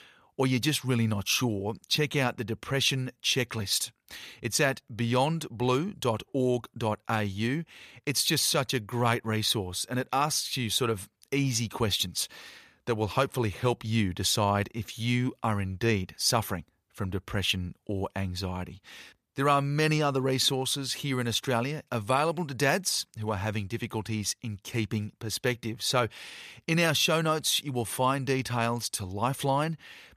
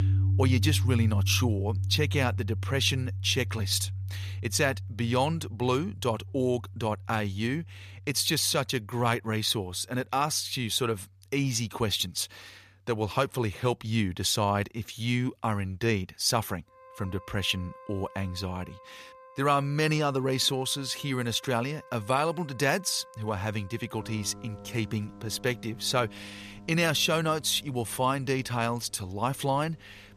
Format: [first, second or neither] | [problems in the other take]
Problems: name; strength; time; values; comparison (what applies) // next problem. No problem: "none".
first | background music; loud; throughout; 5 dB below the speech